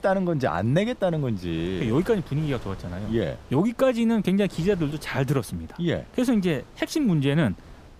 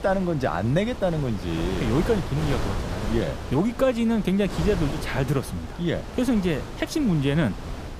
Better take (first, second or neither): first